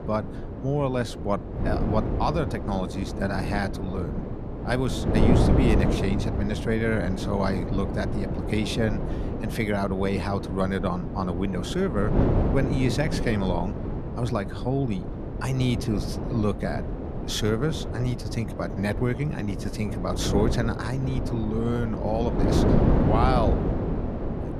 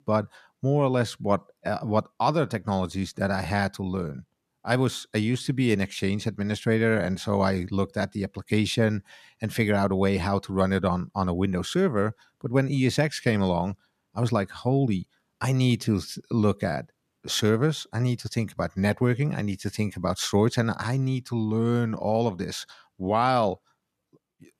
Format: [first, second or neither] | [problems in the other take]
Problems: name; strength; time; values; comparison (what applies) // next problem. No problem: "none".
second | wind noise on the microphone; heavy; 3 dB below the speech